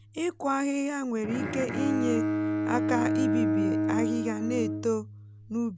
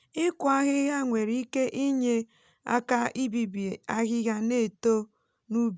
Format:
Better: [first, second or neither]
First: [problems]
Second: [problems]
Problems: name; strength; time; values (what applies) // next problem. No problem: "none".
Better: second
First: background sound (Bowed string instrument); 1 dB above the speech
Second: none